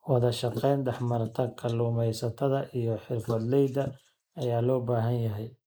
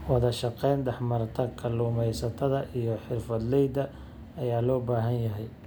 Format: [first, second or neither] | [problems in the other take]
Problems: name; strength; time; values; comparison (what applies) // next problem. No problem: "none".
second | noise reduction (neural mask model Resemble Enhance denoiser)